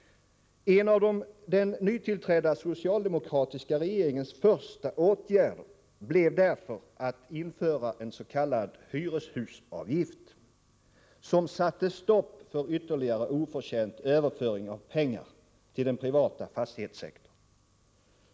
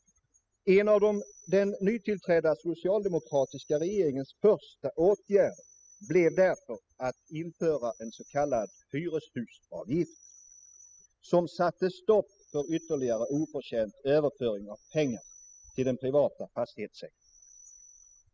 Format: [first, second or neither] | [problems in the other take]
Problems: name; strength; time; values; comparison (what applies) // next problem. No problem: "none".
first | noise reduction (classical method spectral subtraction)